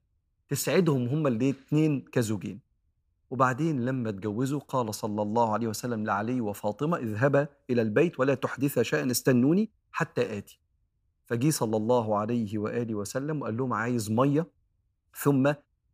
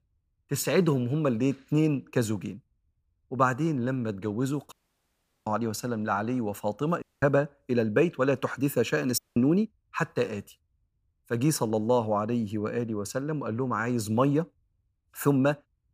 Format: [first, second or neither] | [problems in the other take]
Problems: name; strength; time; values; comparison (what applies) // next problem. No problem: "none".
first | audio cutting out; at 4.5 s for 0.5 s, at 7 s and at 9 s